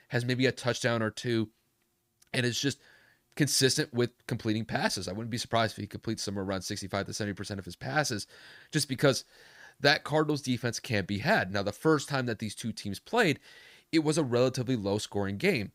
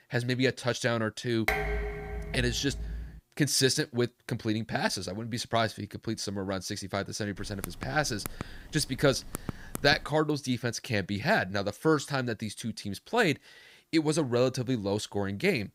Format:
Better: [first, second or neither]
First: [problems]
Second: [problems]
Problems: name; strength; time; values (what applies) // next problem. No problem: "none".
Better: first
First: none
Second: clattering dishes; loud; from 1.5 to 3 s; peak level with the speech // keyboard typing; faint; from 7.5 to 10 s; peak 10 dB below the speech